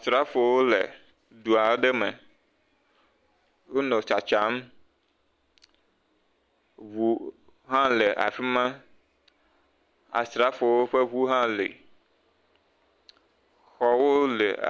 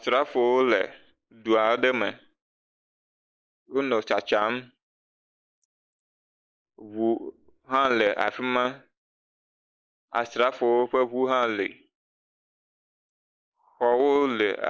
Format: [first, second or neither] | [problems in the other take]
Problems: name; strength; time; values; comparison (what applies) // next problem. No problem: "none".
first | noise reduction (neural mask model Resemble Enhance denoiser)